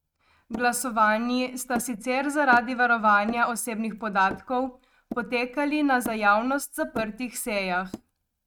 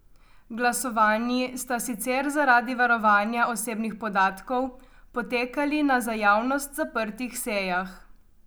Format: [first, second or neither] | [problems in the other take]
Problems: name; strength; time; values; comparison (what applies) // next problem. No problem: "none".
second | noise reduction (neural mask model RNNoise)